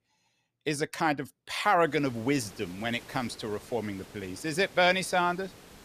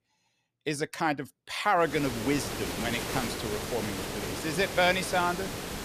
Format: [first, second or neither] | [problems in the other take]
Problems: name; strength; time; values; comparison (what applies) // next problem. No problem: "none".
first | hiss; loud; from 2 s on; 5 dB below the speech; faint in the first